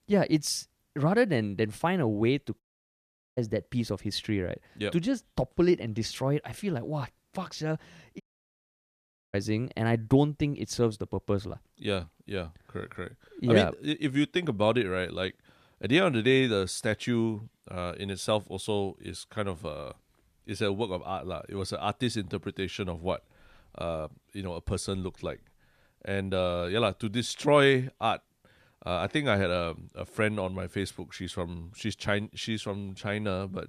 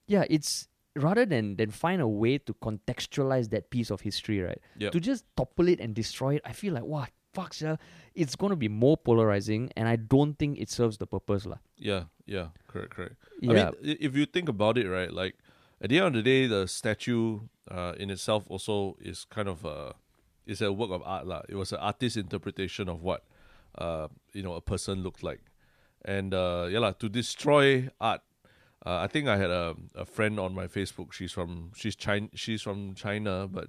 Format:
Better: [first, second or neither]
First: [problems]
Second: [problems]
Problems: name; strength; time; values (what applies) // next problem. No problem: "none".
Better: second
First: audio cutting out; at 2.5 s for 1 s and at 8 s for 1 s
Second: none